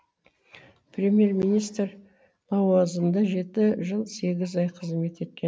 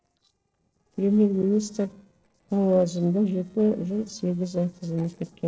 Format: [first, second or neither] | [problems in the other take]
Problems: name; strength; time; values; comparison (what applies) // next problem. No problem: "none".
first | noise reduction (neural separator model SepFormer DNS4)